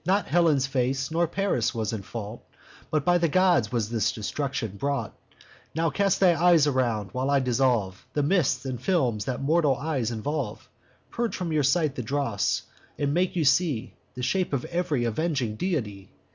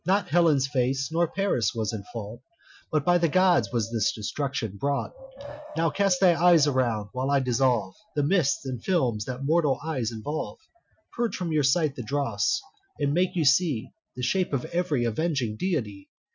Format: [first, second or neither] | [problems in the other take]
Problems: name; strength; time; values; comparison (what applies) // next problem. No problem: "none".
first | noise reduction (classical method Wiener filter)